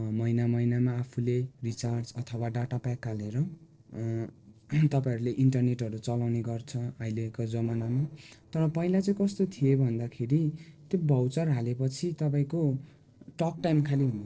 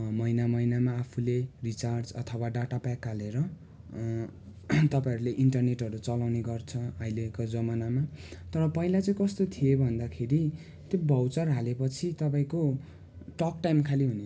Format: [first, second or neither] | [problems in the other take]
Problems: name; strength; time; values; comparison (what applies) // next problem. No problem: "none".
second | noise reduction (neural separator model SepFormer DNS4)